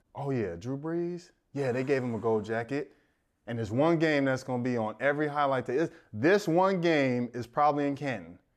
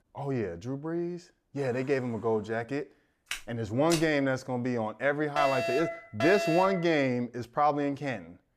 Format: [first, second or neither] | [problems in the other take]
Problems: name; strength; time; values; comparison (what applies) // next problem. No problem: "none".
first | footsteps; noticeable; at 3.5 s; peak 6 dB below the speech // alarm; loud; from 5.5 to 7 s; peak level with the speech